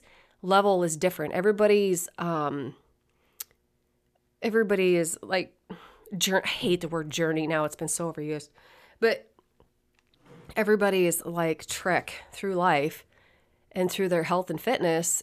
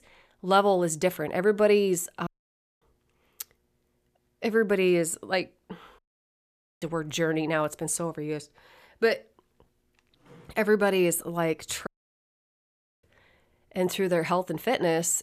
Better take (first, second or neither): first